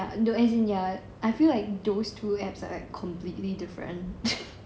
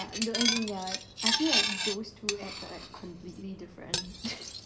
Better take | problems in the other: first | background sound (Cutlery, silverware); 3 dB above the speech

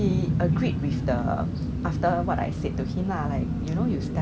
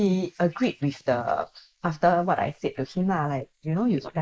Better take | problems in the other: first | noise reduction (neural mask model Resemble Enhance denoiser)

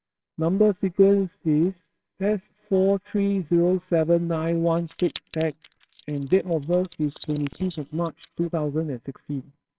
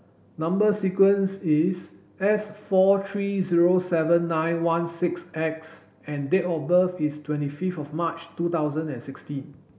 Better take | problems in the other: second | noise reduction (neural separator model SepFormer WHAMR!)

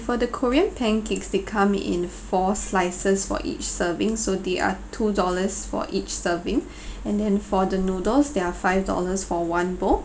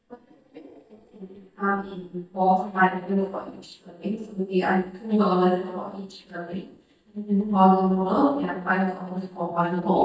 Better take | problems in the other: first | noise reduction (neural mask model DeepFilterNet 3)

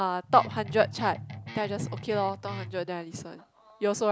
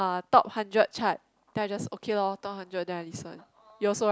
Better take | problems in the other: second | background sound (Guitar); 10 dB below the speech

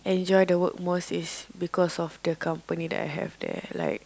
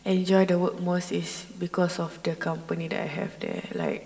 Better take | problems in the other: first | room echo; dies away in 2.1 s

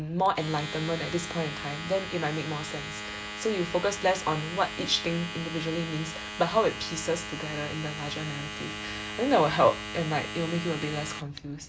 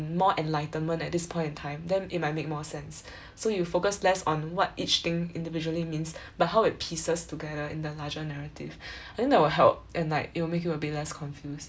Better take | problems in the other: second | background sound (Domestic sounds, home sounds); 8 dB below the speech

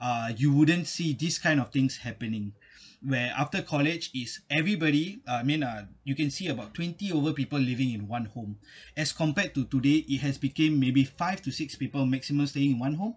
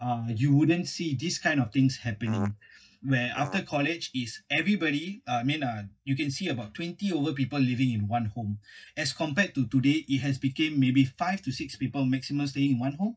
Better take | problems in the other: first | noise reduction (neural mask model DeepFilterNet 3)

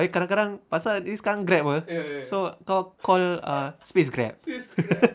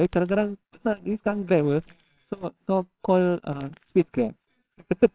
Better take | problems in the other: first | noise reduction (neural separator model SepFormer WHAMR!)

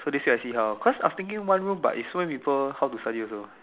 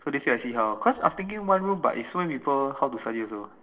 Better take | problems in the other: first | noise reduction (neural separator model SepFormer DNS4)

